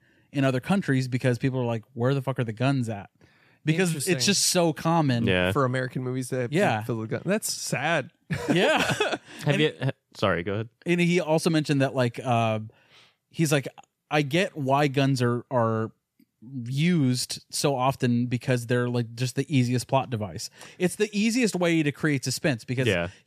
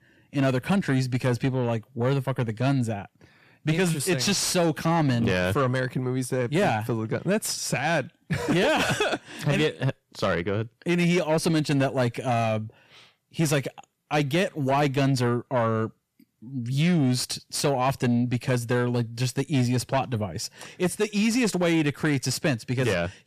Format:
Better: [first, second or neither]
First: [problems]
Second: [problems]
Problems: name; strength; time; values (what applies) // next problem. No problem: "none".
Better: first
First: none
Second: distortion; slight; 10 dB below the speech